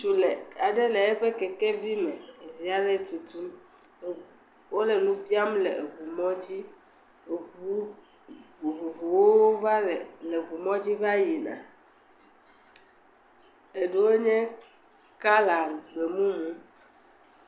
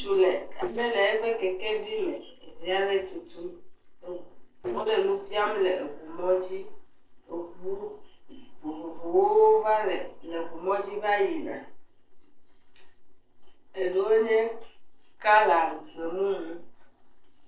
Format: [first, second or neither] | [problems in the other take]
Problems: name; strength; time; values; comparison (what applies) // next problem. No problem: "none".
first | noise reduction (neural separator model SepFormer DNS4)